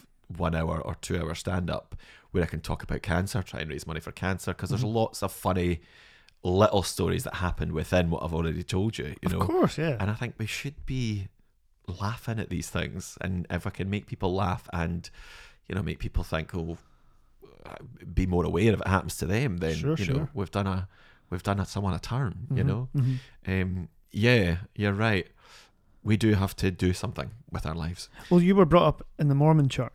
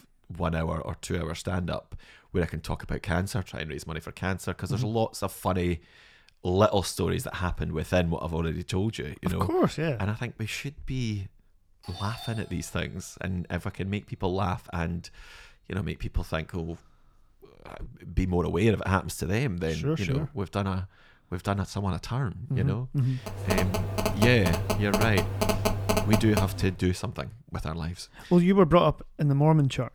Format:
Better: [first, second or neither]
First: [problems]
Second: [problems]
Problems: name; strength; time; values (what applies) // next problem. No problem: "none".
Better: first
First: none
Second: doorbell; faint; from 12 to 18 s; peak 10 dB below the speech // phone ringing; loud; from 23 to 27 s; peak 2 dB above the speech